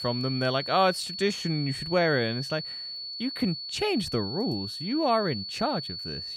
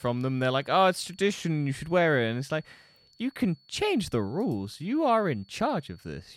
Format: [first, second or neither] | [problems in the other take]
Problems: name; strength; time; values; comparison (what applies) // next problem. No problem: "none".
second | high-pitched whine; loud; throughout; 4.5 kHz, 6 dB below the speech; faint in the second